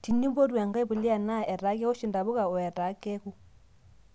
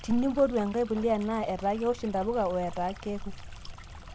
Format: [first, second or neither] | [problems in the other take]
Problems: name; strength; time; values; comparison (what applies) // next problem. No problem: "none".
first | background sound (Stream); 13 dB below the speech